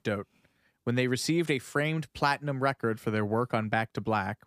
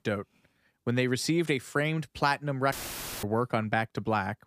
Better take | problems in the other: first | audio cutting out; filled with static; at 2.5 s for 0.5 s

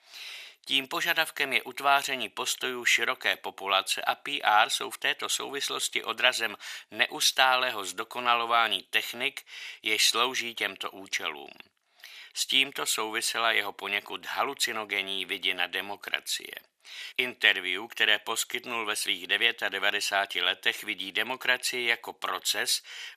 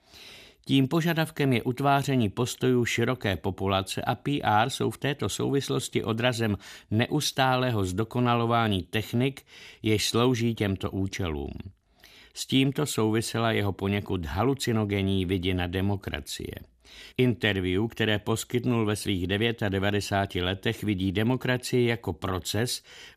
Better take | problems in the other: second | thin; very; fading below 900 Hz

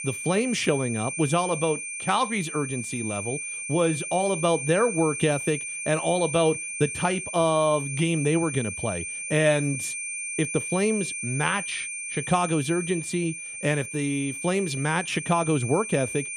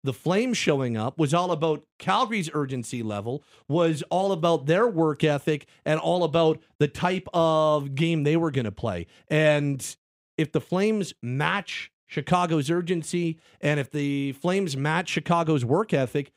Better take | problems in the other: second | high-pitched whine; loud; throughout; 2.5 kHz, 5 dB below the speech

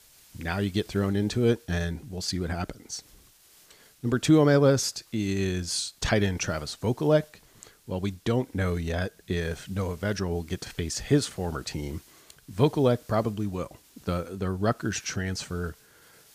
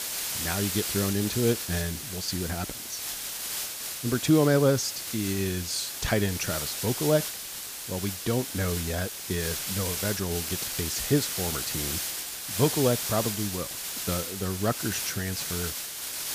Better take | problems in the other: first | hiss; loud; throughout; 2 dB below the speech; faint in the first

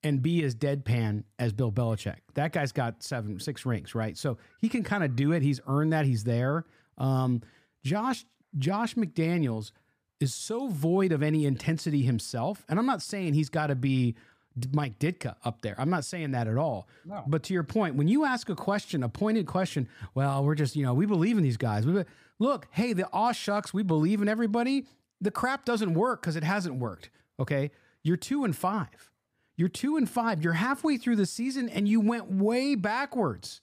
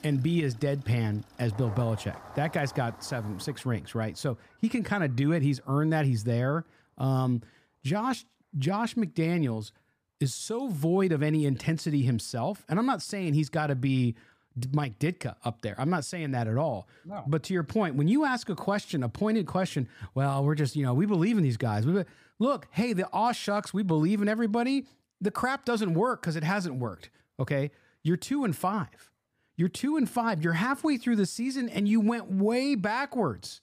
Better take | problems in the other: first | traffic noise; faint; throughout; 20 dB below the speech

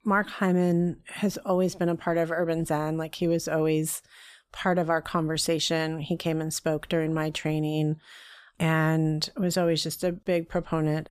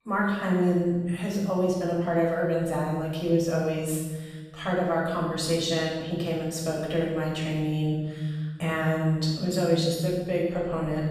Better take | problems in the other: first | off-mic speech; far // room echo; strong; dies away in 1.7 s

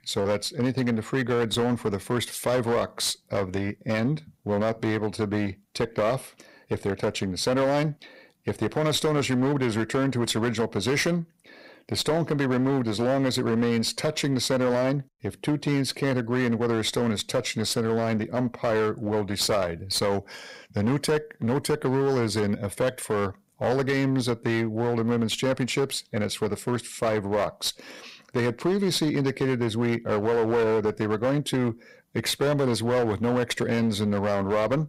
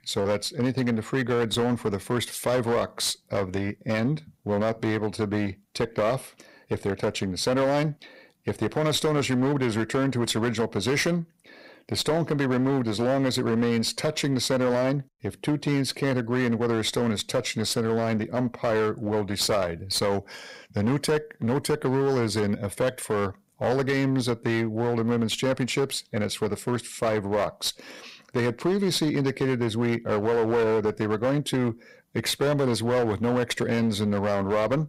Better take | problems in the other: neither | distortion; slight; 14% of the sound clipped; the same in both

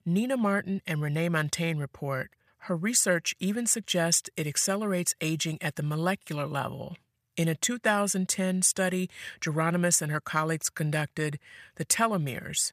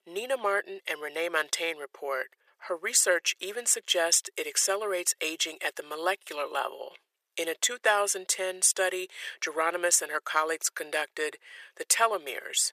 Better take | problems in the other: first | thin; very; fading below 400 Hz

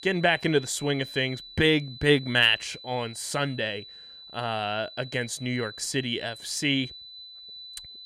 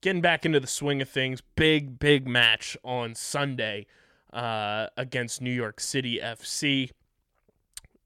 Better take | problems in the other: second | high-pitched whine; noticeable; throughout; 4 kHz, 15 dB below the speech

